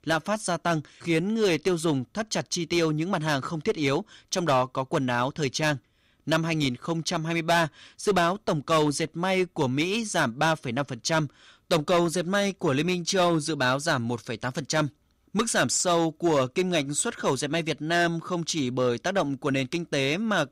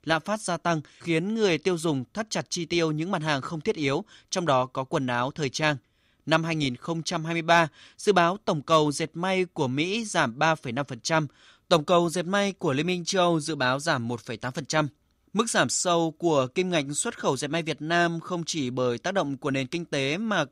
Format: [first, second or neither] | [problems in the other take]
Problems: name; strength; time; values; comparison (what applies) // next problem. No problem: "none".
second | distortion; slight; 5% of the sound clipped